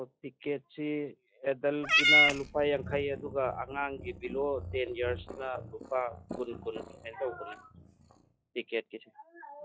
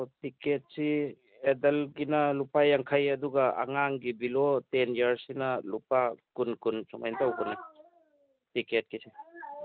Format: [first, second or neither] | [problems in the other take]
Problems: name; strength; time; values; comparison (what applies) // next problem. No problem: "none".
second | noise reduction (classical method log-MMSE)